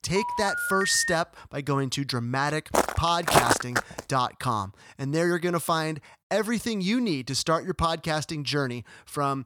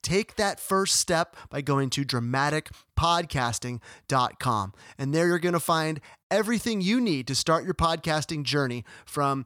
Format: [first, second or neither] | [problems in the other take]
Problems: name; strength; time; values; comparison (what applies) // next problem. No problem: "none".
second | phone ringing; loud; at the start; peak level with the speech // footsteps; loud; from 2.5 to 4 s; peak 6 dB above the speech